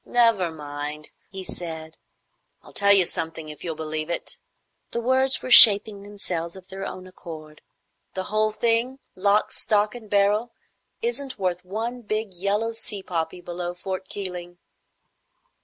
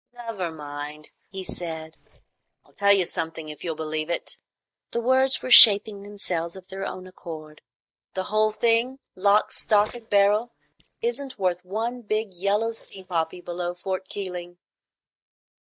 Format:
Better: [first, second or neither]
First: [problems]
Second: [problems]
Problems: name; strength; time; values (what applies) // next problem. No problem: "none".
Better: first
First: none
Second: noise reduction (neural mask model DeepFilterNet 3)